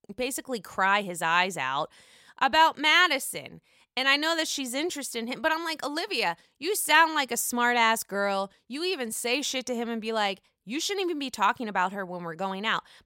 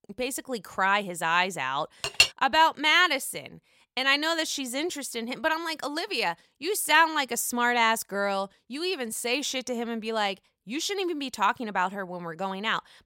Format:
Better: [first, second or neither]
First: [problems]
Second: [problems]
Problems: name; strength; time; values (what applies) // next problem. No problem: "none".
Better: first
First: none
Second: clattering dishes; loud; at 2 s; peak 5 dB above the speech